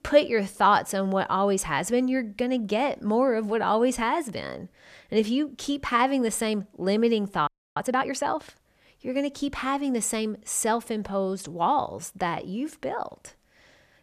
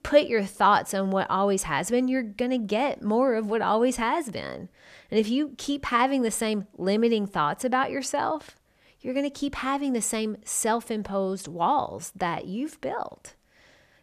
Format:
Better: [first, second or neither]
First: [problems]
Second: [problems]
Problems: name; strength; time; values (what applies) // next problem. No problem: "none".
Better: second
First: audio freezing; at 7.5 s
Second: none